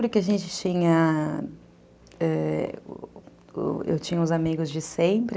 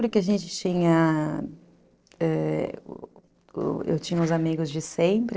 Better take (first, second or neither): first